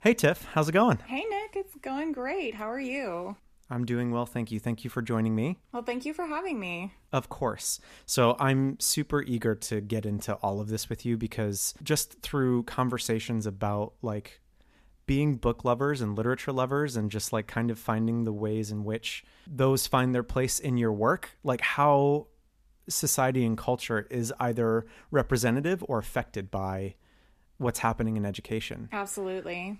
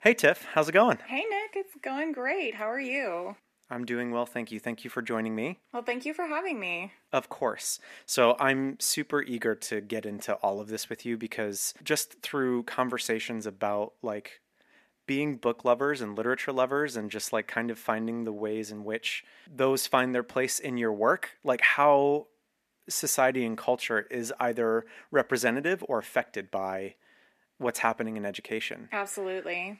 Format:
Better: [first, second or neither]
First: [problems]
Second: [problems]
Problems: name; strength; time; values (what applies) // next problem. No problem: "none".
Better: first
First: none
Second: thin; somewhat; fading below 300 Hz